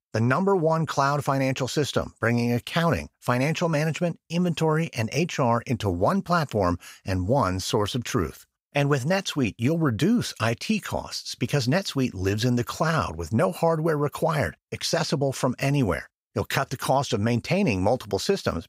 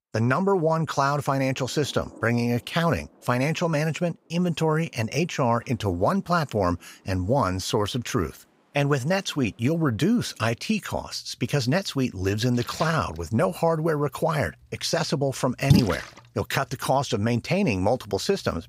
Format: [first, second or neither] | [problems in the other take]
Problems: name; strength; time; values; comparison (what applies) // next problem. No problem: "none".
first | rain or running water; loud; throughout; 3 dB below the speech